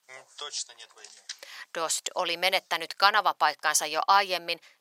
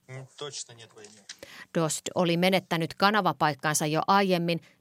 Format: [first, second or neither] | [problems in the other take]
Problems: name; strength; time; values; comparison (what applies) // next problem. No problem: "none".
second | thin; very; fading below 850 Hz